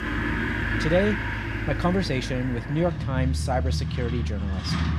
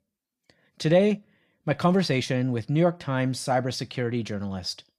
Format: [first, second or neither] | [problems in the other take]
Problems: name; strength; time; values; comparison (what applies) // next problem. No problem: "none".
second | traffic noise; loud; throughout; 1 dB below the speech